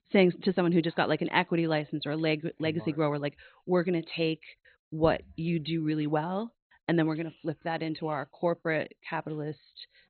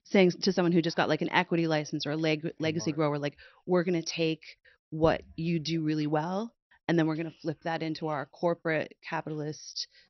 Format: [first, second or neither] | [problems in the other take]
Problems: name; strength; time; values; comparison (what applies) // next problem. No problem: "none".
second | garbled, watery; badly; nothing above 4 kHz; slightly in the second